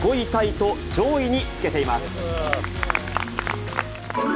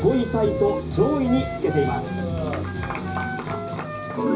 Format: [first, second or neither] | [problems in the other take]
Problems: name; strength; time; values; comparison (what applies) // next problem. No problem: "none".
first | background sound (Wind instrument, woodwind instrument); 10 dB below the speech // room echo; dies away in 0.5 s